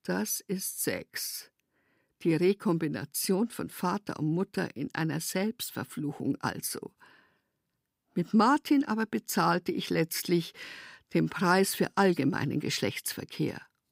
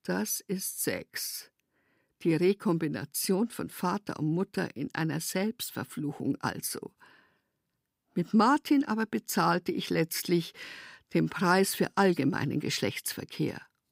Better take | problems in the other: neither | none

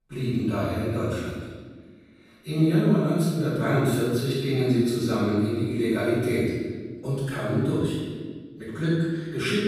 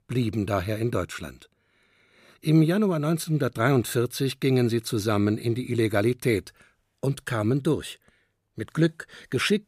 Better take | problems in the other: second | off-mic speech; far // room echo; strong; dies away in 1.4 s

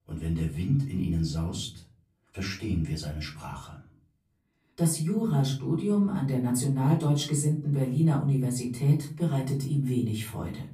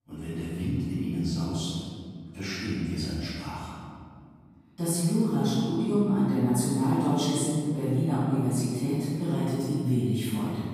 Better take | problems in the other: first | room echo; strong; dies away in 2.1 s; slight in the first // off-mic speech; far; far in the first

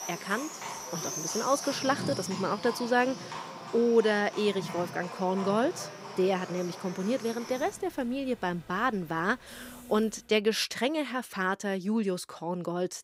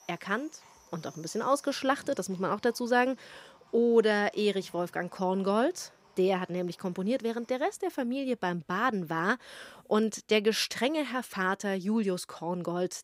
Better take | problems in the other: second | animal sounds; loud; until 10 s; 9 dB below the speech; faint in the second

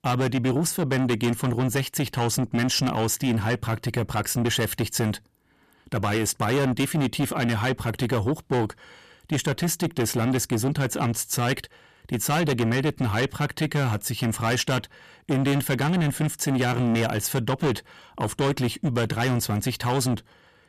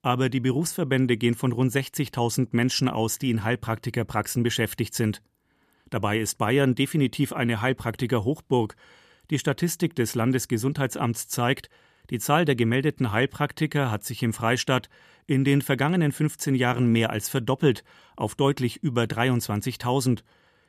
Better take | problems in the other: second | distortion; heavy; 7 dB below the speech

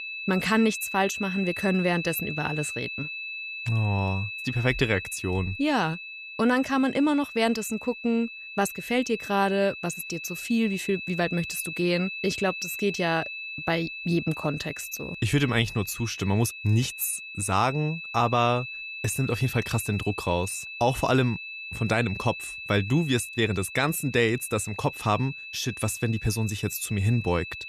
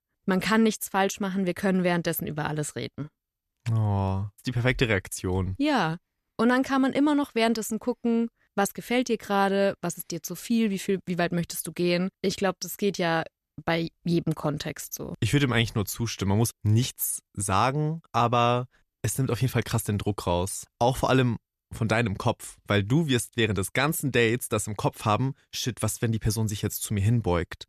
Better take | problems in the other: second | high-pitched whine; loud; throughout; 2.5 kHz, 8 dB below the speech

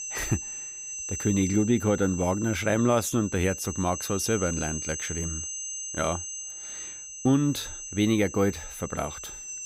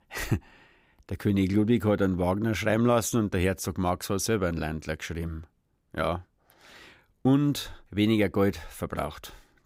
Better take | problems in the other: second | high-pitched whine; loud; throughout; 6.5 kHz, 7 dB below the speech

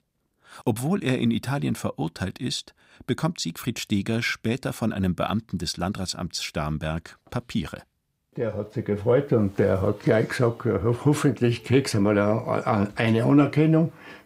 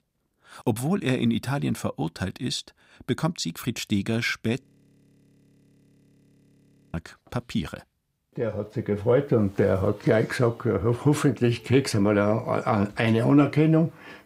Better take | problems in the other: first | audio freezing; at 4.5 s for 2.5 s

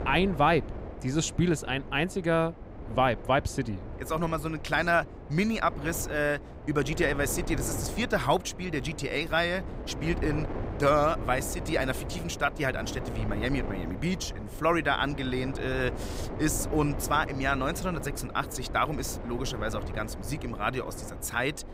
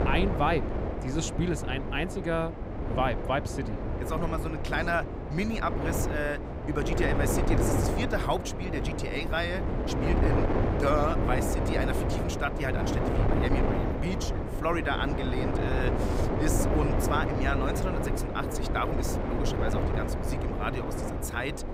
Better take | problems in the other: first | wind noise on the microphone; heavy; 2 dB below the speech; occasional gusts in the first

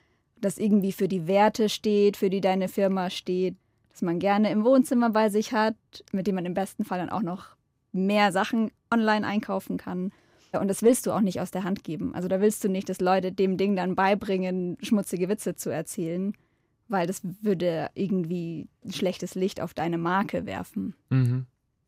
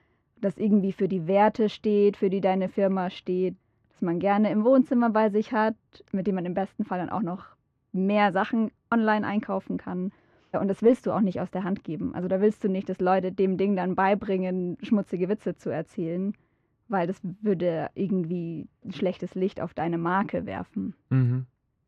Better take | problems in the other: first | muffled; slightly; fading above 2.5 kHz

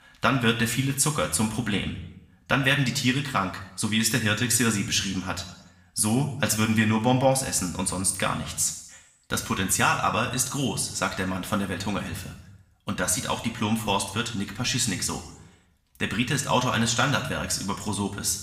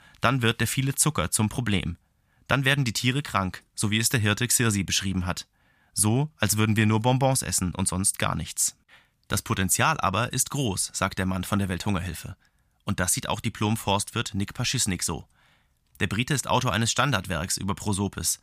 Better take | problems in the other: second | room echo; slight; dies away in 0.7 s

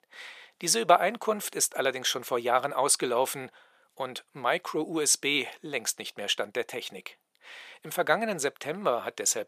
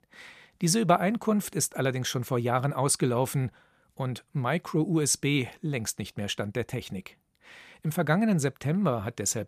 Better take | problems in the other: second | thin; very; fading below 550 Hz

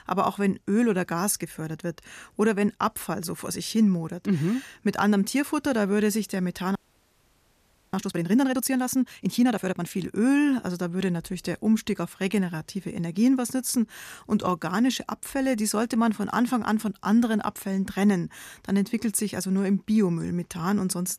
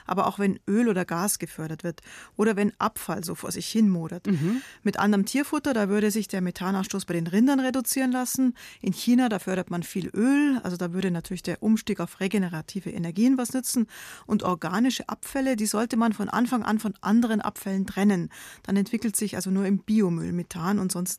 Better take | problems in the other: second | audio freezing; at 7 s for 1 s

